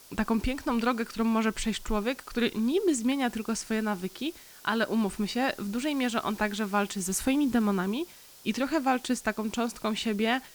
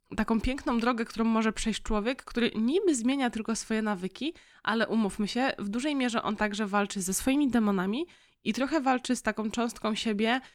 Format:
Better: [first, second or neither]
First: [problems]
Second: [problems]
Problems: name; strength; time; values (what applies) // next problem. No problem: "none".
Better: second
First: hiss; noticeable; throughout; 20 dB below the speech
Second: none